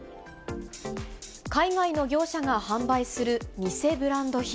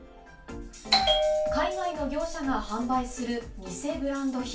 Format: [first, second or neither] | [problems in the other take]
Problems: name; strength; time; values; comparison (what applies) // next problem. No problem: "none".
first | background sound (Bell); 2 dB above the speech // room echo; dies away in 0.2 s